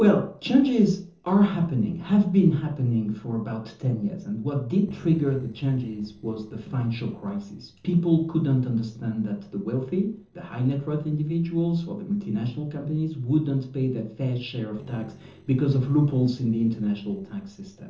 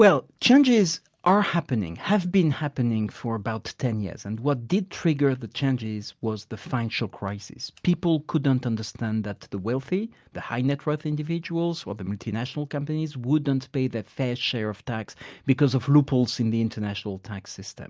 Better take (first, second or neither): second